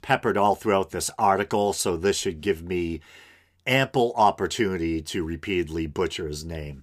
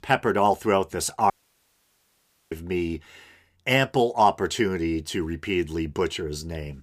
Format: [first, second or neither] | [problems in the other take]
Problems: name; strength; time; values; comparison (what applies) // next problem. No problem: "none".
first | audio cutting out; at 1.5 s for 1 s